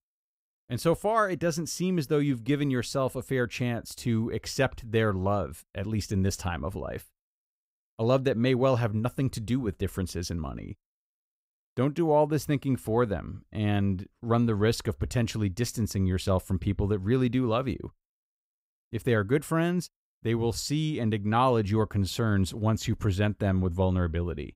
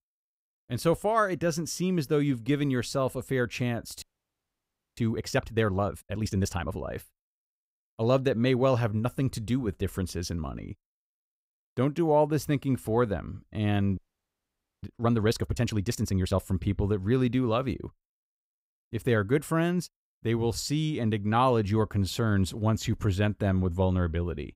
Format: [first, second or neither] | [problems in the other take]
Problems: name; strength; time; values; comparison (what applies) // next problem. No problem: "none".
first | audio freezing; at 4 s for 1 s and at 14 s for 1 s